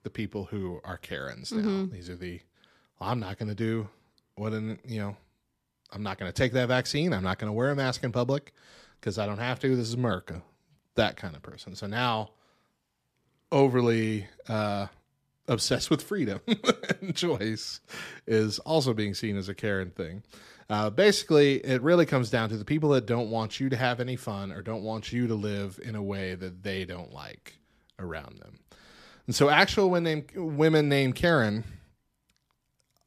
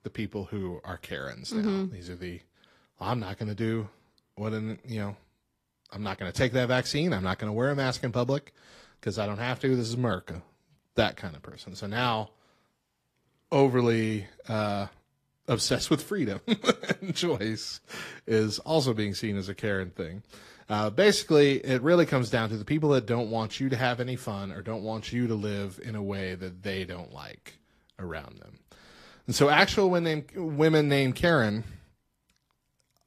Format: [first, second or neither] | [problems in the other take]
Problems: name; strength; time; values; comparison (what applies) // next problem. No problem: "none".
first | garbled, watery; slightly; nothing above 14.5 kHz